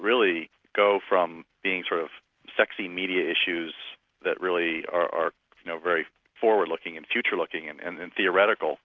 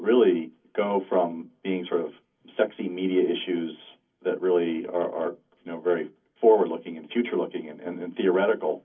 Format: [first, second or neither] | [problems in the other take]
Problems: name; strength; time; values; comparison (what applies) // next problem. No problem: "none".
first | room echo; dies away in 0.3 s